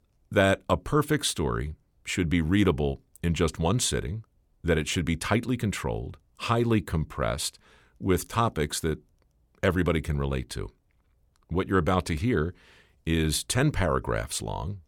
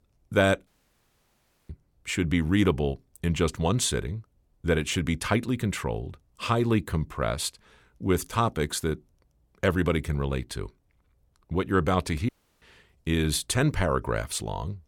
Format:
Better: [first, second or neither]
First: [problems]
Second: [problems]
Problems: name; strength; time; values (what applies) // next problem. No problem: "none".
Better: first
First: none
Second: audio cutting out; at 0.5 s for 1 s and at 12 s